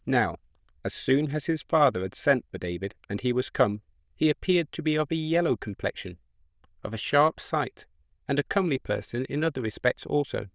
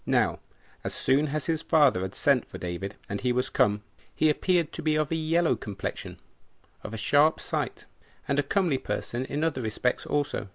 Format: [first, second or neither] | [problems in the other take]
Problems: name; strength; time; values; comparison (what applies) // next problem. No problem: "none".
second | noise reduction (neural diffusion model UNIVERSE++)